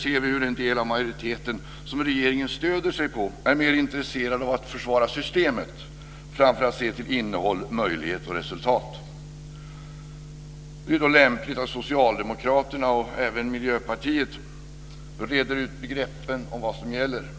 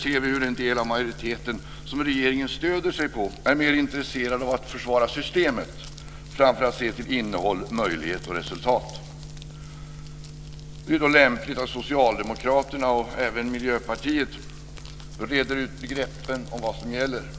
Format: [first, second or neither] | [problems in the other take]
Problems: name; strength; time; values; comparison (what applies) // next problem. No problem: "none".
first | background sound (Crumpling, crinkling); 18 dB below the speech